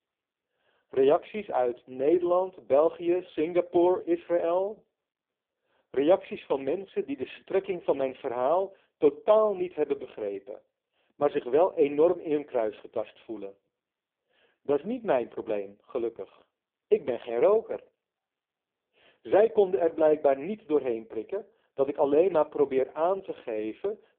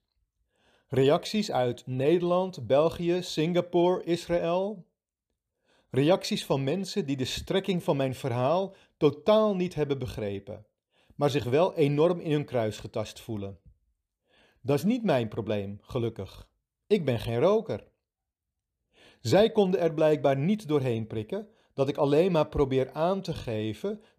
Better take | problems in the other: second | phone-call audio; poor line

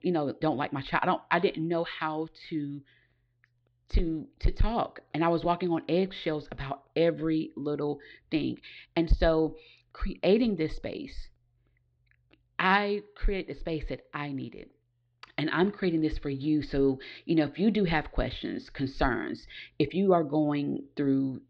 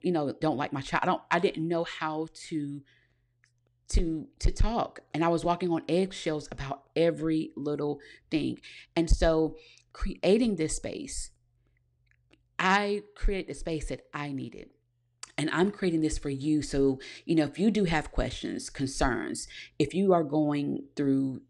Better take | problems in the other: second | muffled; very slightly; fading above 4 kHz

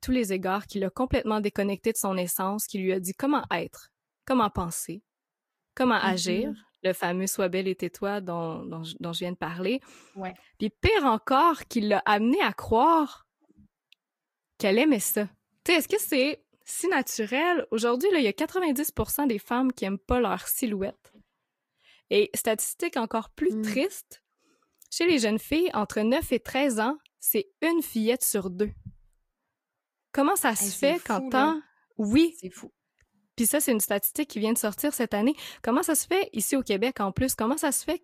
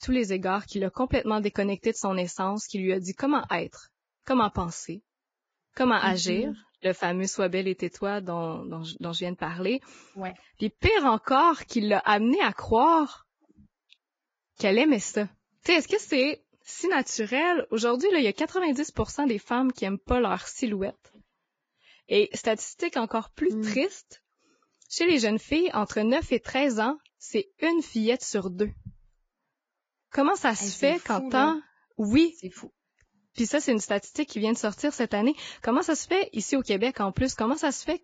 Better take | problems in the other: first | garbled, watery; badly; nothing above 7.5 kHz; slightly in the first

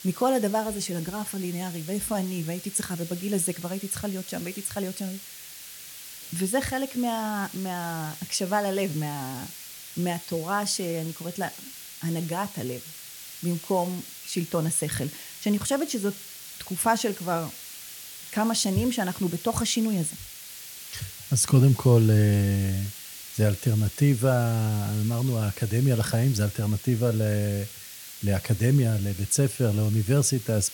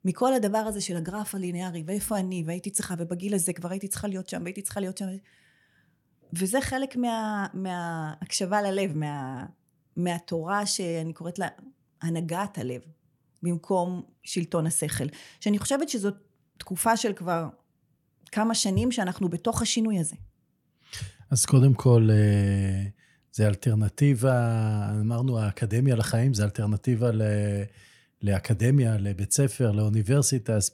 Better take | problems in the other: second | hiss; noticeable; throughout; 15 dB below the speech

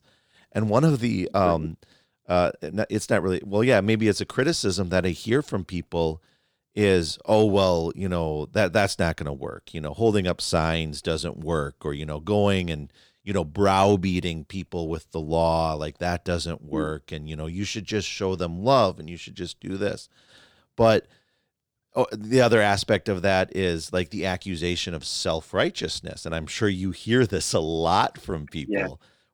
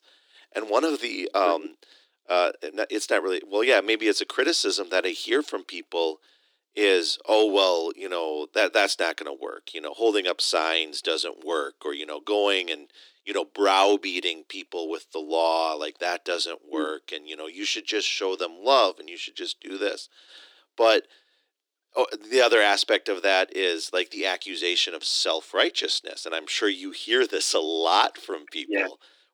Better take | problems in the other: first | thin; somewhat; fading below 300 Hz

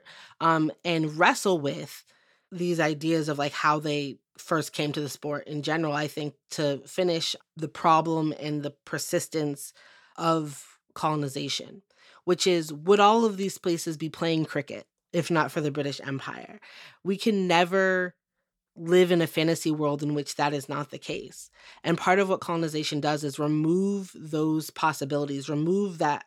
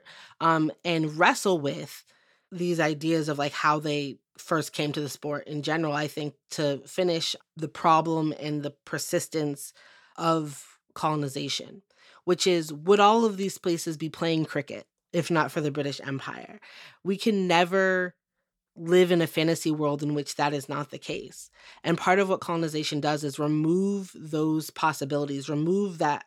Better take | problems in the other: neither | none

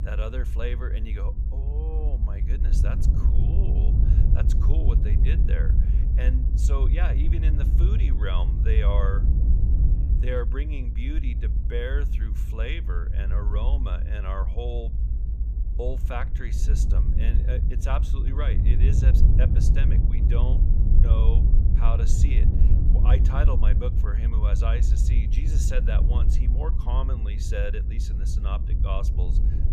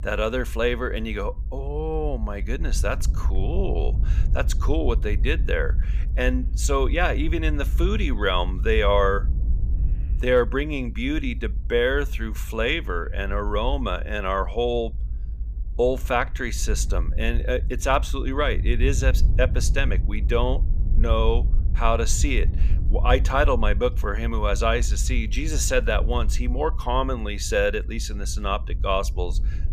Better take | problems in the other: second | low rumble; loud; throughout; 4 dB below the speech; faint in the second

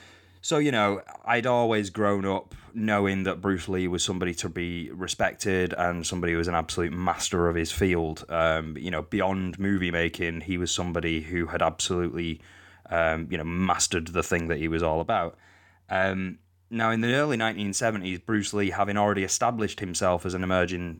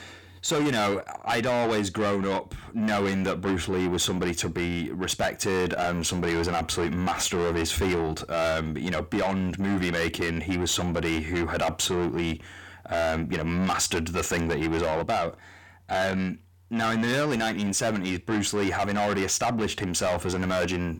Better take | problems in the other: first | distortion; heavy; 6 dB below the speech

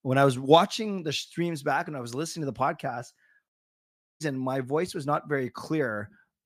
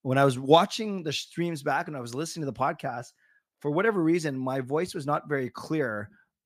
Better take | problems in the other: second | audio cutting out; at 3.5 s for 0.5 s

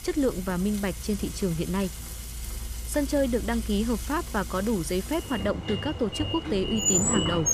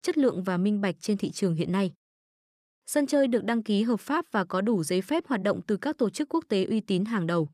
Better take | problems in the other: second | household noises; loud; throughout; 3 dB below the speech

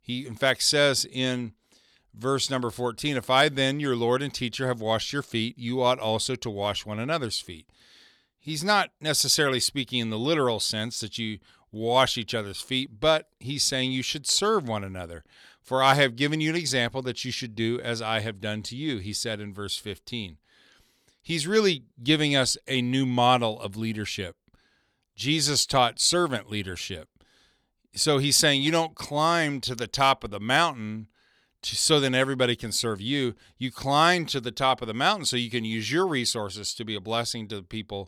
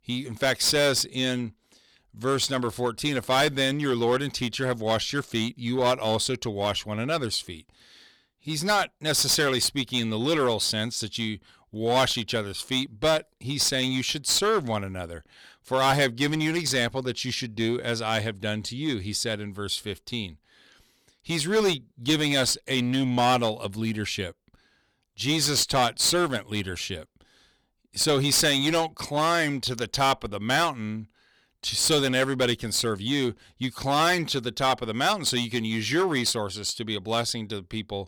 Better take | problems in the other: first | distortion; slight; 6% of the sound clipped

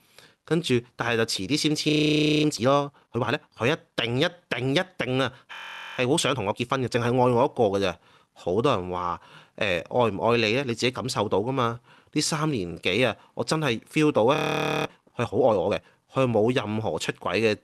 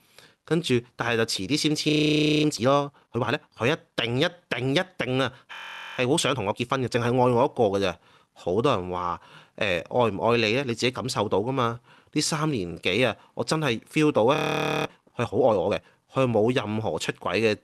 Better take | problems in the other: neither | audio freezing; at 2 s for 0.5 s, at 5.5 s and at 14 s; the same in both

